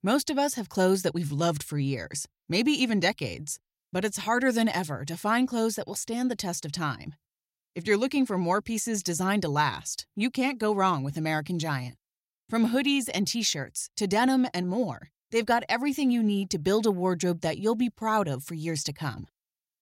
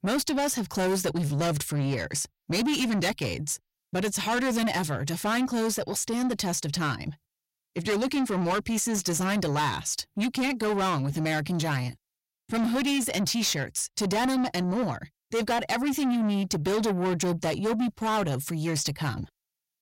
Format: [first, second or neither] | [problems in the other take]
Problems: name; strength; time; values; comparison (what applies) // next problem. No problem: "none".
first | distortion; heavy; 7 dB below the speech